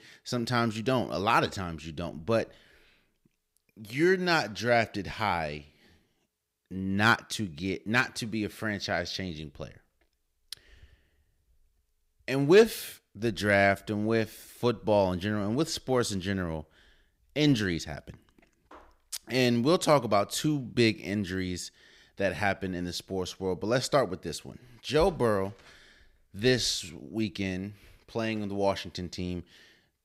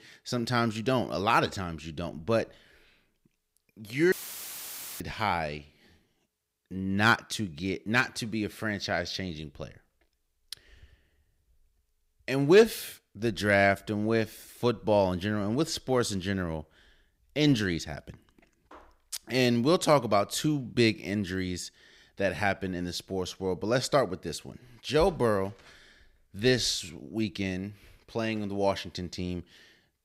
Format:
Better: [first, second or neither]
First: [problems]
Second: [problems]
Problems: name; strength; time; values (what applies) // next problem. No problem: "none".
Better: first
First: none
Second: audio cutting out; filled with static; at 4 s for 1 s